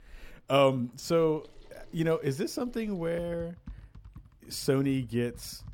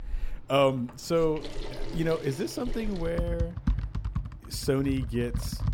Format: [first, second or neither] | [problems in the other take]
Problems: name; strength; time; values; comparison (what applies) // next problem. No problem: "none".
first | household noises; loud; throughout; 7 dB below the speech; faint in the first